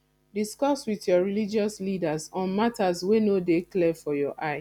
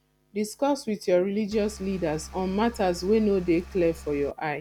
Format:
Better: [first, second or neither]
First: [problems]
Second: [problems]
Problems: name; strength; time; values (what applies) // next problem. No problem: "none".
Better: first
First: none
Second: background sound (Engine); 17 dB below the speech